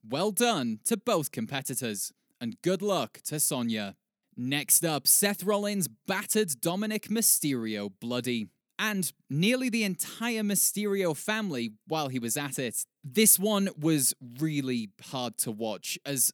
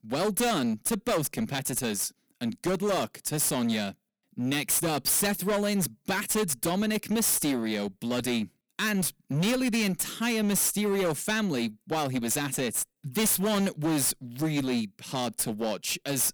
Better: first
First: none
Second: distortion; heavy; 19% of the sound clipped

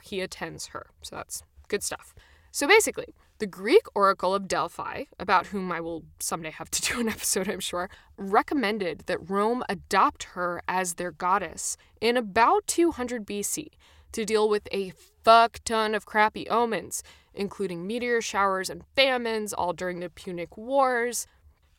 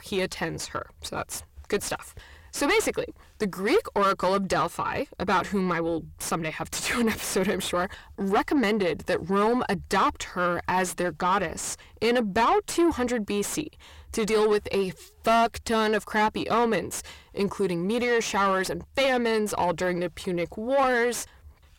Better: first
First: none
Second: distortion; heavy; 5 dB below the speech

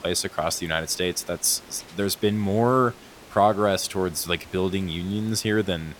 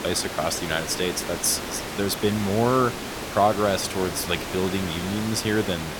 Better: first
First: hiss; faint; throughout; 20 dB below the speech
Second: hiss; loud; throughout; 7 dB below the speech

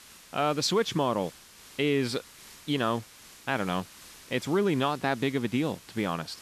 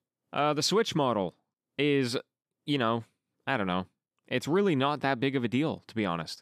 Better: second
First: hiss; noticeable; throughout; 20 dB below the speech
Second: none

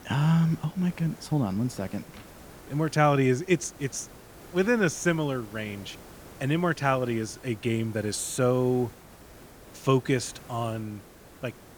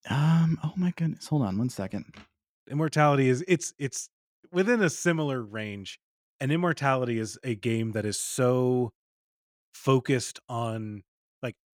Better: second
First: hiss; faint; throughout; 20 dB below the speech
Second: none

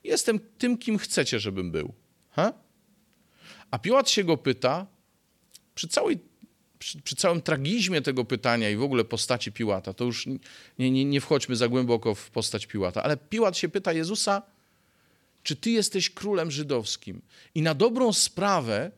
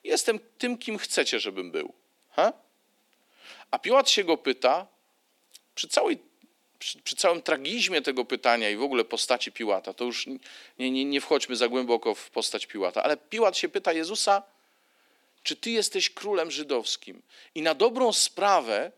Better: first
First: none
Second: thin; somewhat; fading below 250 Hz

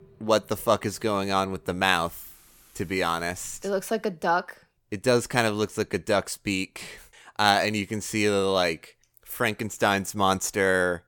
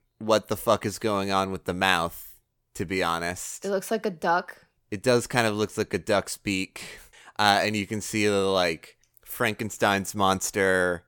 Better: second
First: rain or running water; faint; until 3.5 s; 30 dB below the speech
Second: none

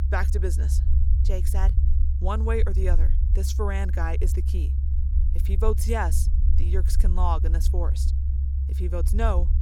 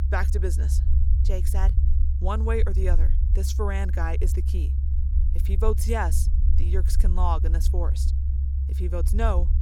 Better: neither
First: low rumble; noticeable; throughout; 10 dB below the speech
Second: low rumble; noticeable; throughout; 10 dB below the speech

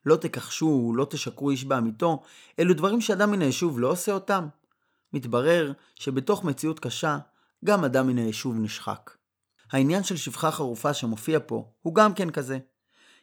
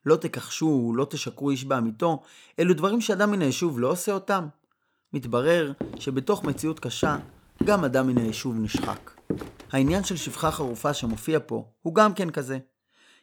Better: first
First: none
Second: footsteps; noticeable; from 6 to 11 s; peak 6 dB below the speech

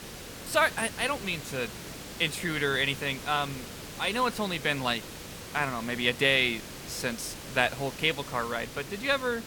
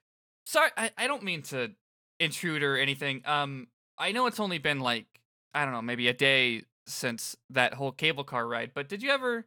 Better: second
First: hiss; noticeable; throughout; 10 dB below the speech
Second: none

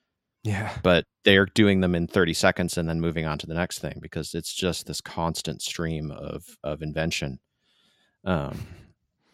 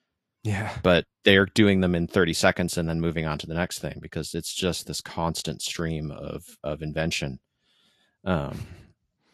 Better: first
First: none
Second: garbled, watery; slightly; nothing above 12.5 kHz

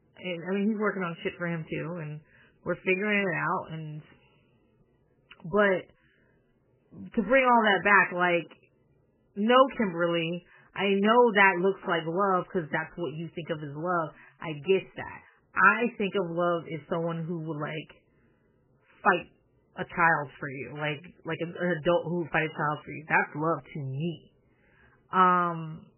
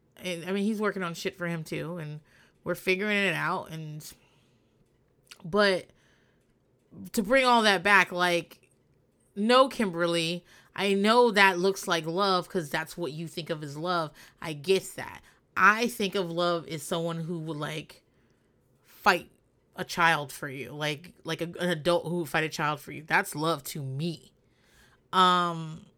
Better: second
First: garbled, watery; badly; nothing above 3 kHz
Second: none

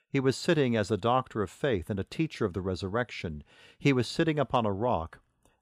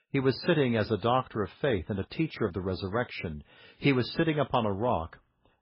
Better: first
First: none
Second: garbled, watery; badly; nothing above 5 kHz

